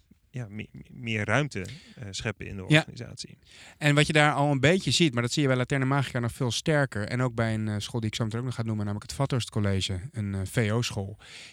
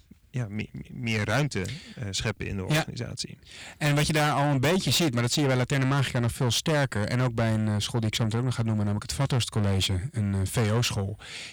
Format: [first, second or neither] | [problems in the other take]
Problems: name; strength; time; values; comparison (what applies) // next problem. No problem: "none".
first | distortion; heavy; 6 dB below the speech